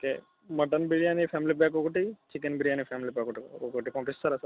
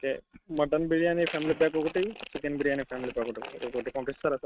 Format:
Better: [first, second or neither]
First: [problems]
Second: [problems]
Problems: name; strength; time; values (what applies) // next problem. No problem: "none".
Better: first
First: none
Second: noise reduction (neural mask model RNNoise)